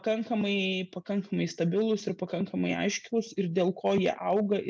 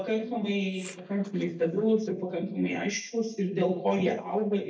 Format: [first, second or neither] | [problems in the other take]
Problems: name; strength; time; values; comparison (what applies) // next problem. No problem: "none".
first | noise reduction (neural mask model DeepFilterNet 3)